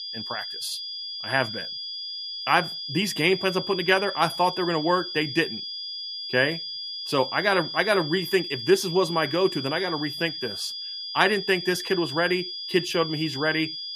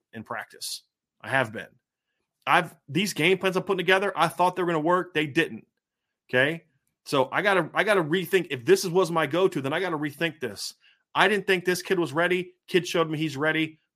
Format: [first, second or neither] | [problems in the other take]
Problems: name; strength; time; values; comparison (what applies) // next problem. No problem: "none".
second | high-pitched whine; loud; throughout; 5 kHz, 7 dB below the speech